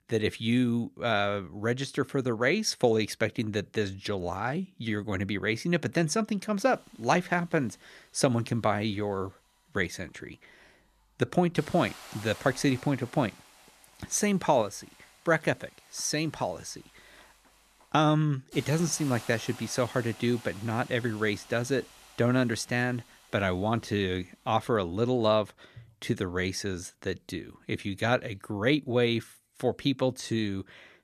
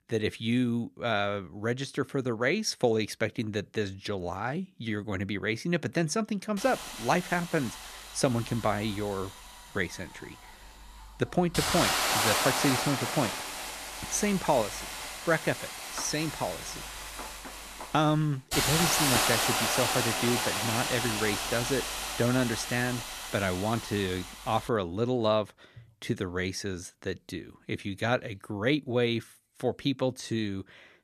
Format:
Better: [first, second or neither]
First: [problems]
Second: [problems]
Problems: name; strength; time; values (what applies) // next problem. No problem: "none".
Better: first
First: hiss; faint; from 6.5 to 25 s; 20 dB below the speech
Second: hiss; loud; from 6.5 to 25 s; as loud as the speech